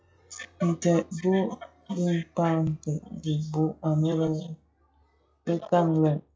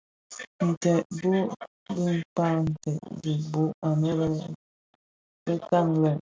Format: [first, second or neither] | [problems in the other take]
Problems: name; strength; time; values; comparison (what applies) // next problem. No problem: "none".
second | noise reduction (classical method log-MMSE)